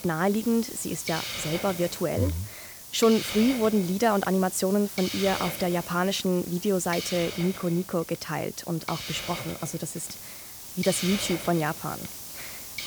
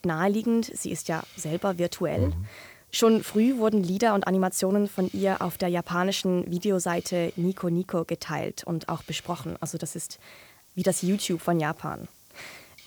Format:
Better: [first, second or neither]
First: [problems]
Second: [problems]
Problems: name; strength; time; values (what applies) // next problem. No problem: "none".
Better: second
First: hiss; loud; throughout; 8 dB below the speech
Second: hiss; faint; throughout; 25 dB below the speech